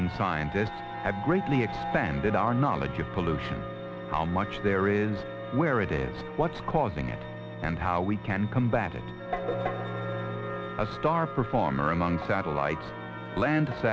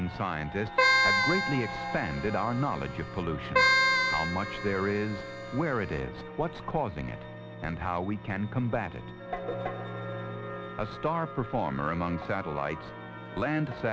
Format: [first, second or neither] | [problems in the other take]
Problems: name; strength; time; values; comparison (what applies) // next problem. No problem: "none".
first | background sound (Keyboard (musical)); 3 dB above the speech